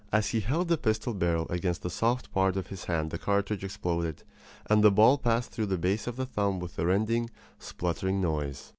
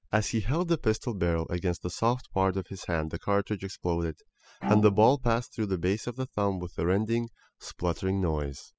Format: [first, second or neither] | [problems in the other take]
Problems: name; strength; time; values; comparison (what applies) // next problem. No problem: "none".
first | noise reduction (classical method spectral subtraction)